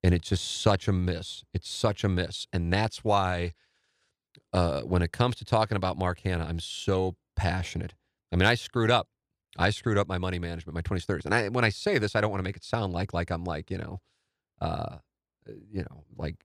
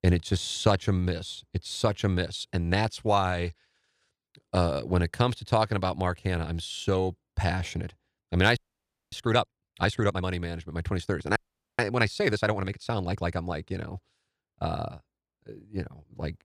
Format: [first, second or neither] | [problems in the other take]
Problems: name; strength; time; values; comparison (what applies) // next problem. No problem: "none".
first | audio freezing; at 8.5 s for 0.5 s and at 11 s